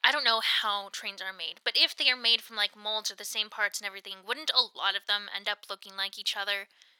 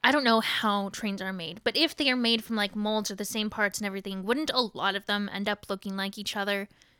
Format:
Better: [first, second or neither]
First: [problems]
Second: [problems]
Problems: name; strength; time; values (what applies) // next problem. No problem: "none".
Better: second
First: thin; very; fading below 750 Hz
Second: none